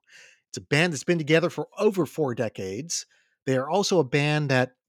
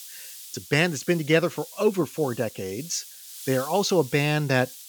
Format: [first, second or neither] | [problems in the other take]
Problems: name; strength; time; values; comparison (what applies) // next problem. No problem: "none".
first | hiss; noticeable; throughout; 15 dB below the speech